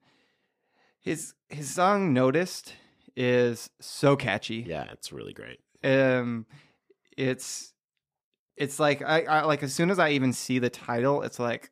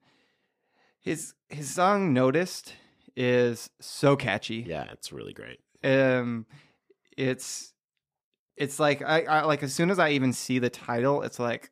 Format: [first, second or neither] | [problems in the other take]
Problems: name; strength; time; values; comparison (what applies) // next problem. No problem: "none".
neither | none